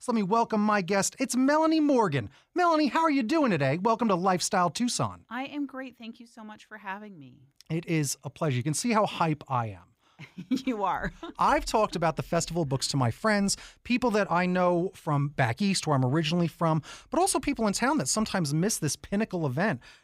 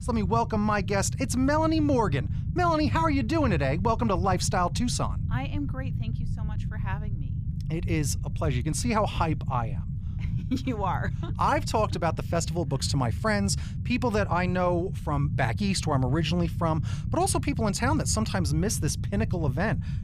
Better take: first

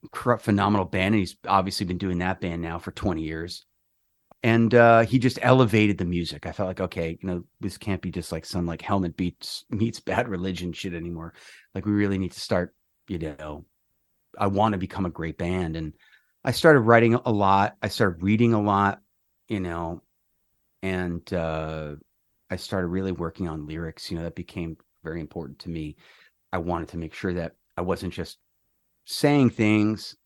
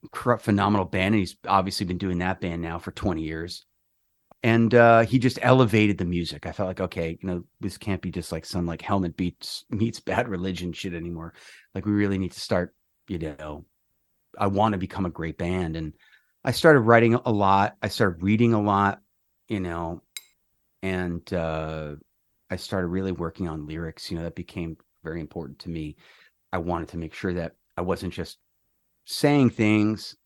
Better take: first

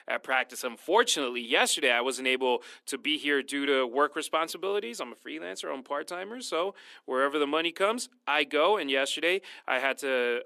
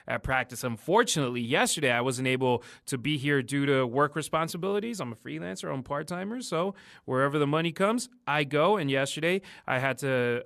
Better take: second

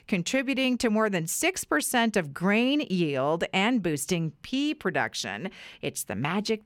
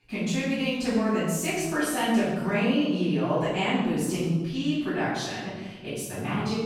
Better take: first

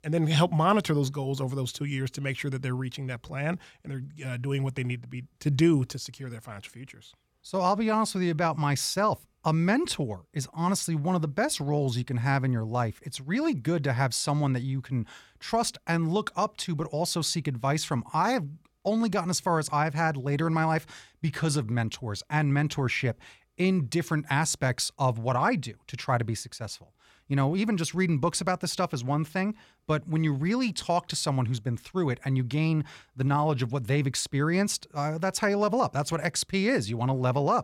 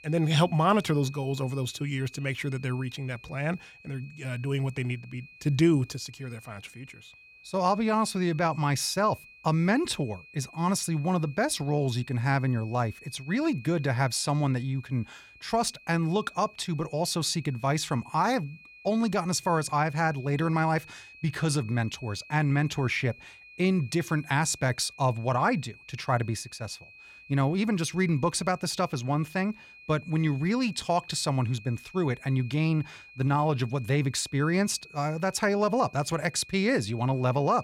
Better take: first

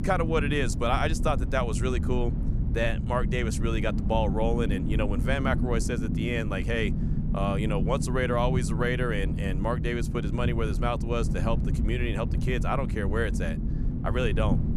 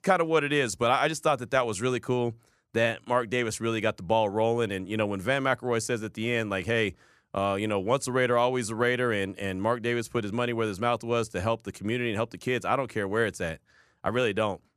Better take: second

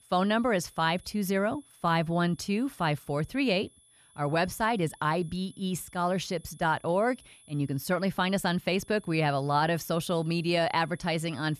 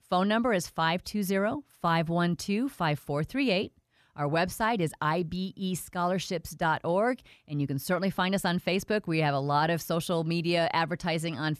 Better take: second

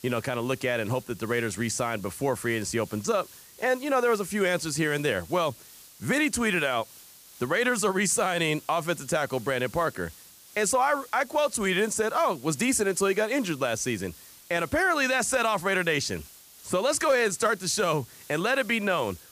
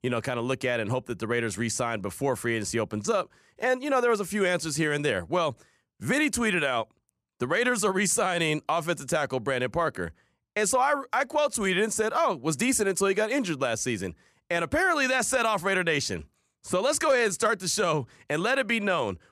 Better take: second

